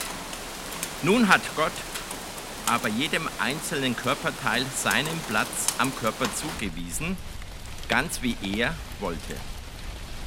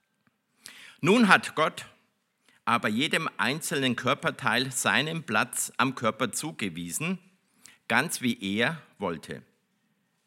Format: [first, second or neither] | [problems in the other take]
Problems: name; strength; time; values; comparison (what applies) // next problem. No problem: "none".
second | rain or running water; loud; throughout; 8 dB below the speech